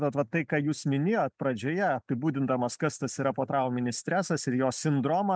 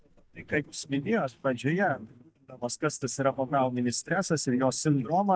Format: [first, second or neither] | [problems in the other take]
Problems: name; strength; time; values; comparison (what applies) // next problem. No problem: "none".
first | noise reduction (neural mask model DeepFilterNet 3)